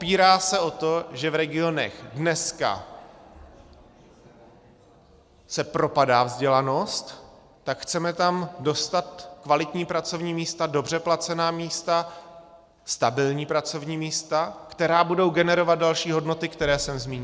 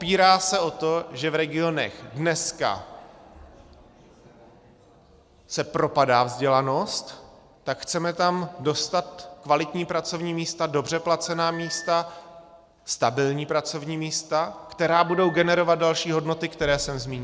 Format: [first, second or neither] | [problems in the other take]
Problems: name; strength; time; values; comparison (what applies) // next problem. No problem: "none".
first | background sound (Telephone); 18 dB below the speech